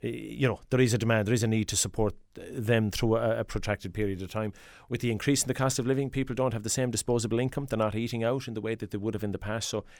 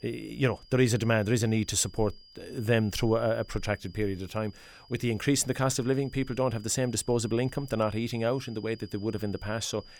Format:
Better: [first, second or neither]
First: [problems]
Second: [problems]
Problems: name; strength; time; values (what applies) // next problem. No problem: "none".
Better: first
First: none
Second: high-pitched whine; faint; throughout; 5 kHz, 25 dB below the speech